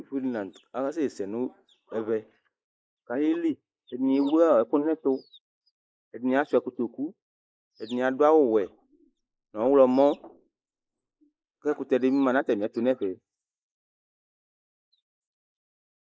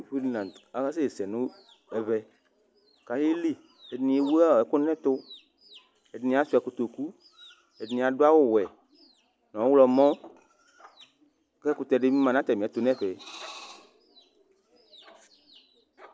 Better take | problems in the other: second | noise reduction (neural mask model Resemble Enhance denoiser)

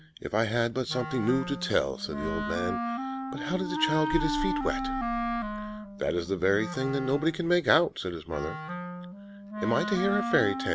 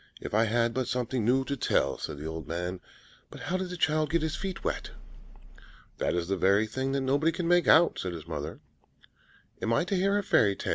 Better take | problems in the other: second | background sound (Wind instrument, woodwind instrument); 5 dB below the speech

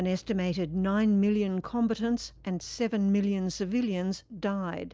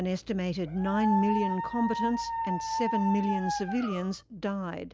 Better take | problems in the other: first | background sound (Dog); 3 dB below the speech

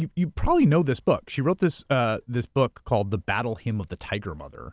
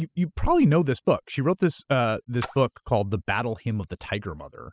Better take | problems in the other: first | noise reduction (classical method spectral subtraction)

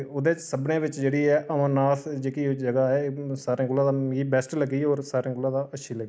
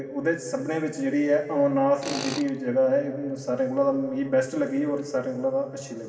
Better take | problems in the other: first | background sound (Tools); 15 dB below the speech // room echo; dies away in 2.2 s

